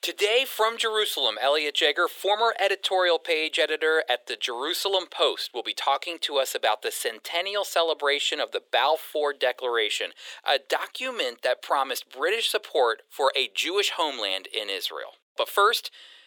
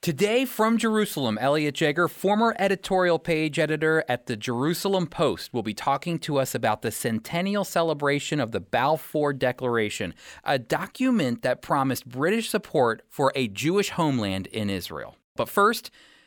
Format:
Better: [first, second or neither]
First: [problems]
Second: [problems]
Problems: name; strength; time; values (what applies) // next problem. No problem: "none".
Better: second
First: thin; very; fading below 400 Hz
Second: none